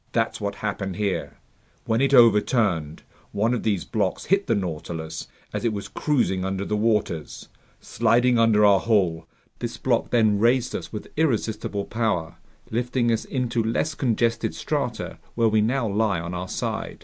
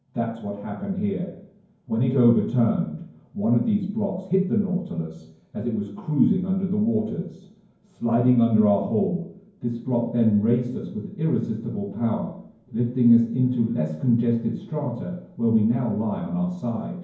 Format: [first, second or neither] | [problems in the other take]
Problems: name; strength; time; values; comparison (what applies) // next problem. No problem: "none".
first | room echo; dies away in 0.9 s